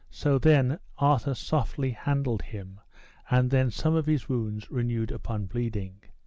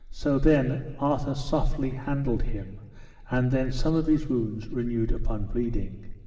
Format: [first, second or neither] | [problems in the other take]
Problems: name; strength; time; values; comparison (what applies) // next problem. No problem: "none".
first | room echo; dies away in 1.6 s